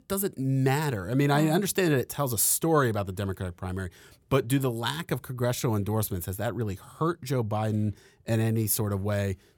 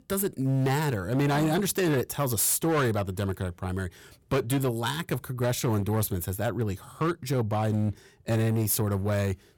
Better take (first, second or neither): first